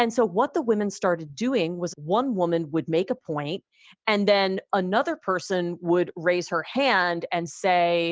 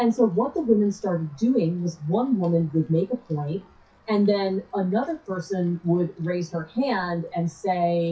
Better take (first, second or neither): first